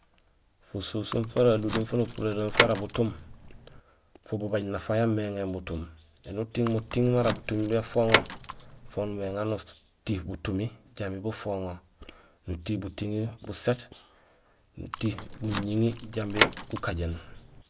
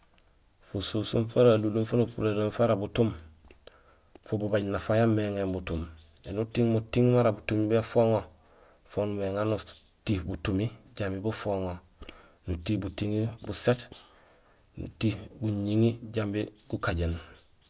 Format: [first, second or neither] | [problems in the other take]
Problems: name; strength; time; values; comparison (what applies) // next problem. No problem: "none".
second | background sound (Door / Car); 3 dB below the speech